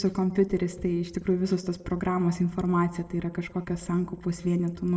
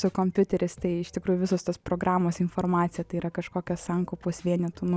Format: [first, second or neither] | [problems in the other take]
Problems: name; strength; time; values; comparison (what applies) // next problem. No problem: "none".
second | room echo; dies away in 0.9 s